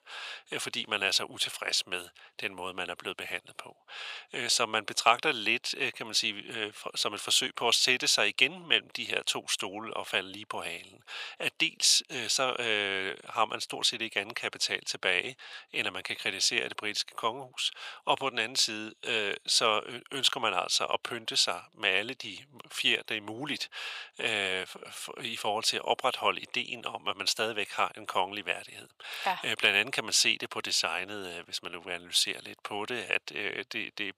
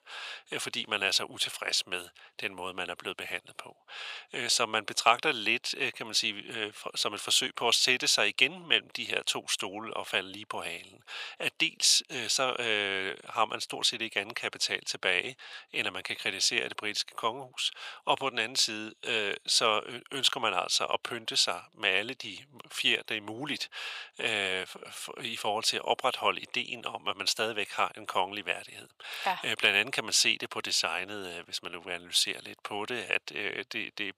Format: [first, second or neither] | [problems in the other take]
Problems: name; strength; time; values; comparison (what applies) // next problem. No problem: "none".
neither | thin; very; fading below 800 Hz; the same in both